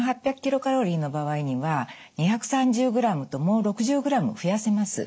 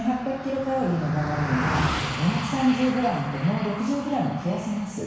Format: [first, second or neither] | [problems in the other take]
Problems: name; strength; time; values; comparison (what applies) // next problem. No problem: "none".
first | background sound (Car passing by); 6 dB below the speech // room echo; dies away in 1.1 s